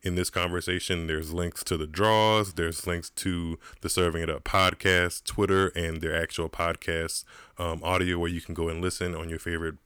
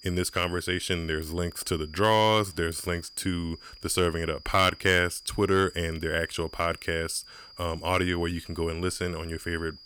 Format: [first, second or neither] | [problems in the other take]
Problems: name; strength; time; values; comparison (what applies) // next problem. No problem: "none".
first | high-pitched whine; noticeable; throughout; 5 kHz, 20 dB below the speech